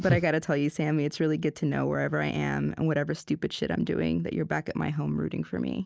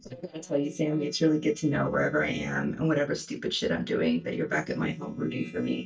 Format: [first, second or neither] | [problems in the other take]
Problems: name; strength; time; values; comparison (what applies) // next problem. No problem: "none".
first | noise reduction (neural mask model DeepFilterNet 3)